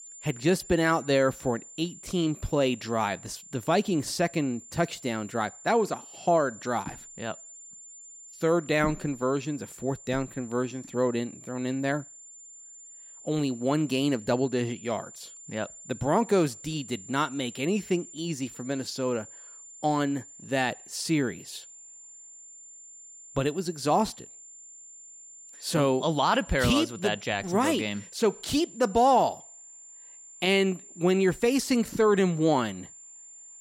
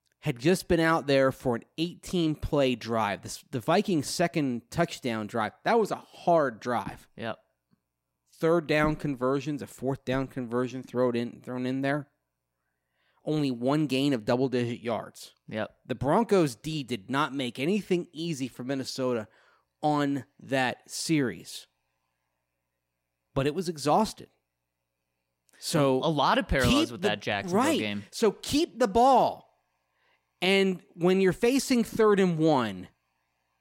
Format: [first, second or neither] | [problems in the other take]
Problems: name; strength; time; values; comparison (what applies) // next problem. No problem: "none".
second | high-pitched whine; noticeable; throughout; 7 kHz, 15 dB below the speech